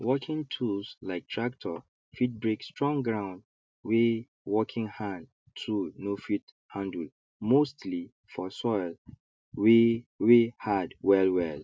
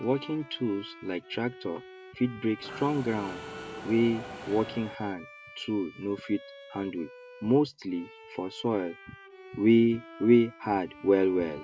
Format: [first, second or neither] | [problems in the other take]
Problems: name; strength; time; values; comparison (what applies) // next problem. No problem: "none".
first | background sound (Mechanisms + Bowed string instrument); 17 dB below the speech